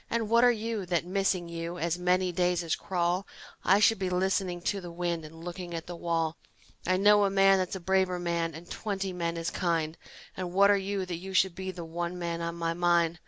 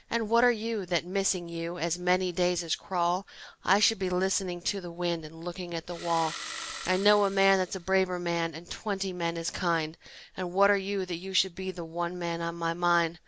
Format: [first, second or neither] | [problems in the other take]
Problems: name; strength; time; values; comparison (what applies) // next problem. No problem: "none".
first | background sound (Engine starting); 12 dB below the speech